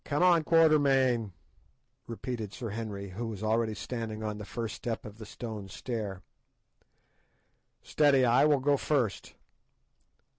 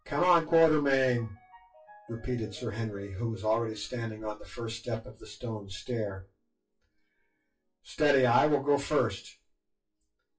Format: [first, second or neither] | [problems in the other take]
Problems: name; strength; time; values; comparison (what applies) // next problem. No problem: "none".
first | noise reduction (classical method WPE with log-MMSE)